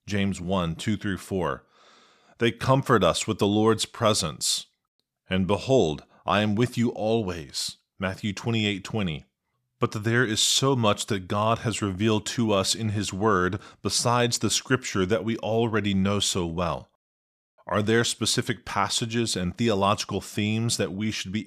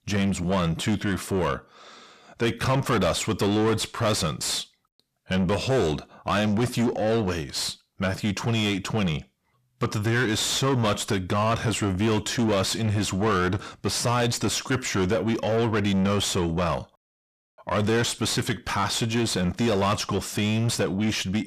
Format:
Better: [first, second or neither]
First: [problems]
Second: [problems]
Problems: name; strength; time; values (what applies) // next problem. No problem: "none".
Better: first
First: none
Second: distortion; heavy; 7 dB below the speech